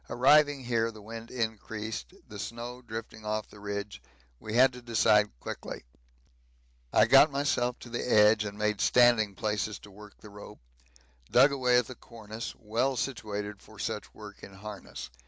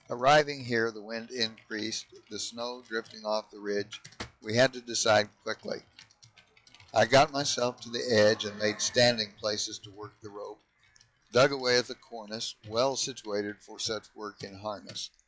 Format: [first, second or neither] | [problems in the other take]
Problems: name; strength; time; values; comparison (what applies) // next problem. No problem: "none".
first | noise reduction (classical method log-MMSE)